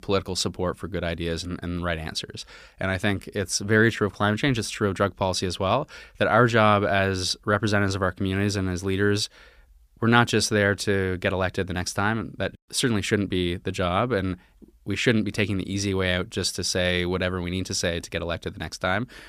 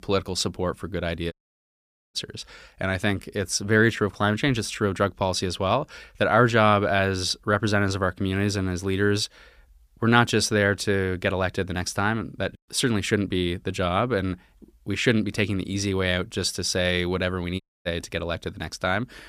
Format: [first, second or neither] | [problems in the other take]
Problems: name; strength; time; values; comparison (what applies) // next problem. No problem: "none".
first | audio cutting out; at 1.5 s for 1 s and at 18 s